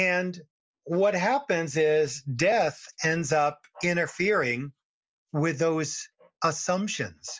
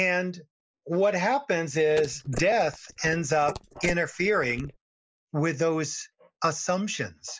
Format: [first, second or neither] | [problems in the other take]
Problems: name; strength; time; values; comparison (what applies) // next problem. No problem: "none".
first | noise reduction (neural mask model Resemble Enhance denoiser)